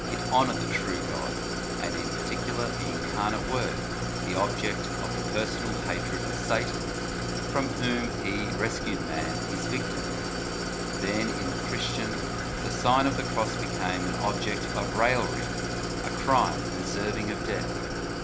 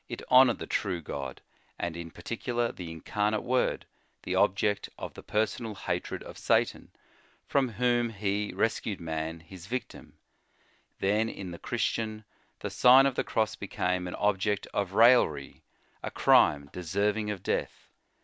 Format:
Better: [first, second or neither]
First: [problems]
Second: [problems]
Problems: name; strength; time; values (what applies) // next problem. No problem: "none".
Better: second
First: background sound (Idling); 1 dB above the speech // room echo; dies away in 0.4 s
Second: none